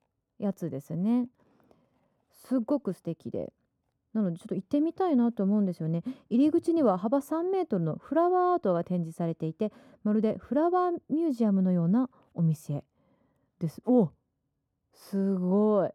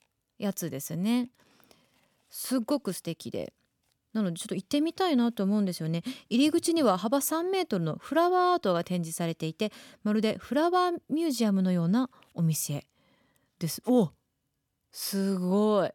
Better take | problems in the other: second | muffled; very; fading above 1.5 kHz

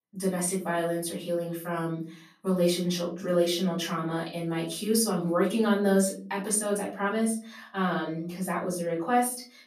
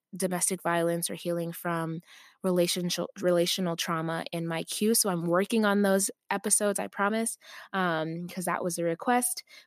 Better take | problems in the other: second | off-mic speech; far // room echo; slight; dies away in 0.3 s

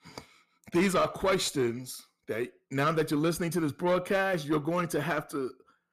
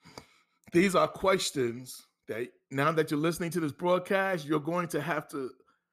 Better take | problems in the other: second | distortion; slight; 10 dB below the speech

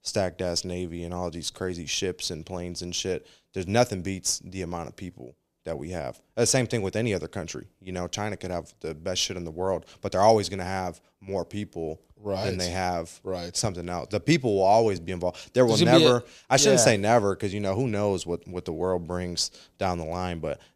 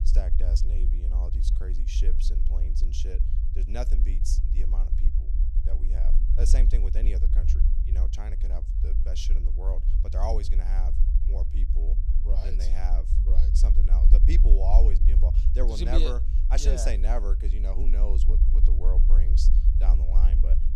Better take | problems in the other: first | low rumble; loud; throughout; 7 dB below the speech

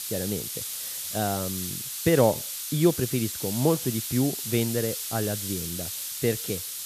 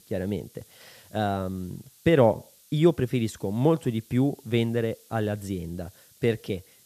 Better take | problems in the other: second | hiss; loud; throughout; 3 dB below the speech; faint in the second

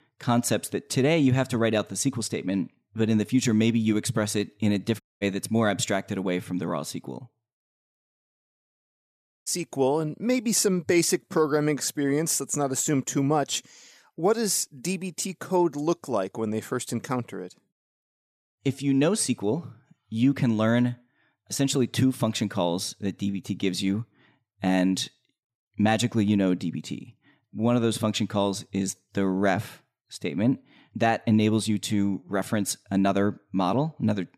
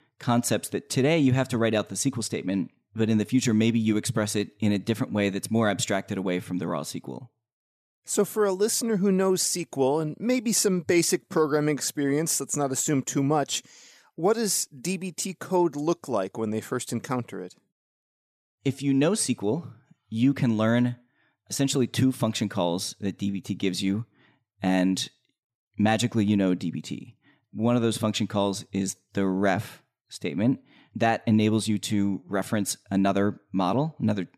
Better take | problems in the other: second | audio cutting out; at 5 s and at 8 s for 1.5 s

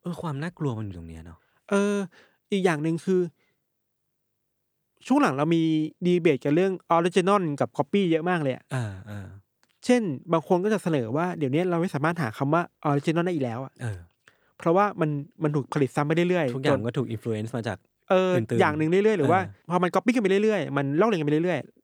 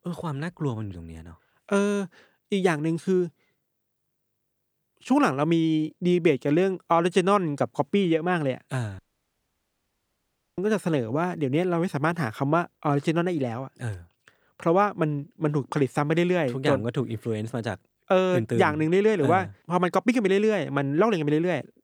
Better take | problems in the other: first | audio cutting out; at 9 s for 1.5 s

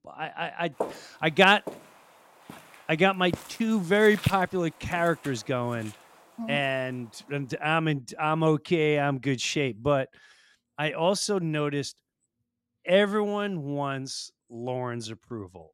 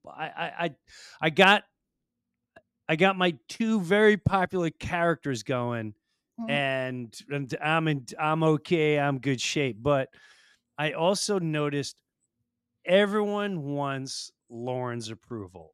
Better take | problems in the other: second | footsteps; noticeable; from 1 to 5.5 s; peak 8 dB below the speech

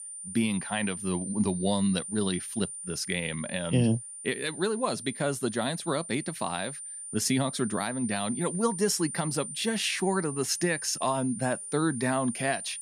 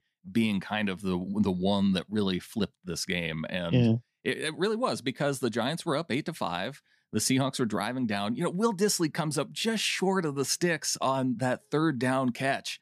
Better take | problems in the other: second | high-pitched whine; loud; throughout; 9 kHz, 8 dB below the speech

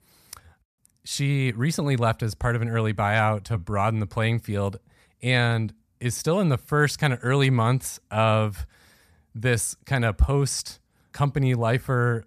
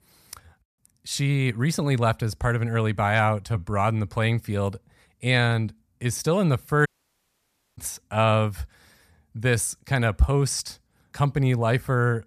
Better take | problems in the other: first | audio cutting out; at 7 s for 1 s

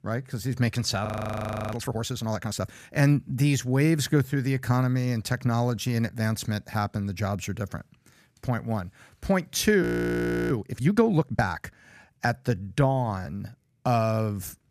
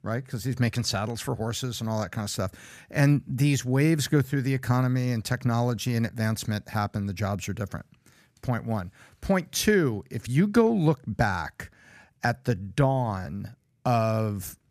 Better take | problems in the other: second | audio freezing; at 1 s for 0.5 s and at 10 s for 0.5 s

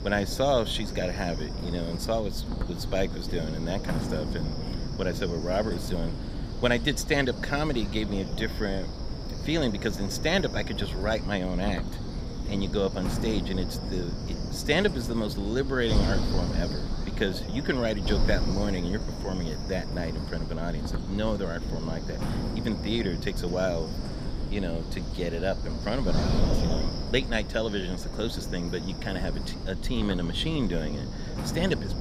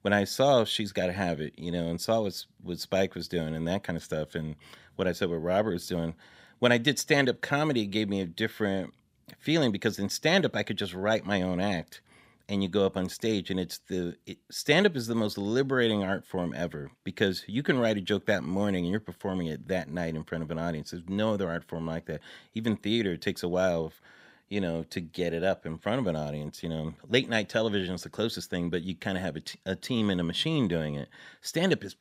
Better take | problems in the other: second | wind noise on the microphone; heavy; 8 dB below the speech

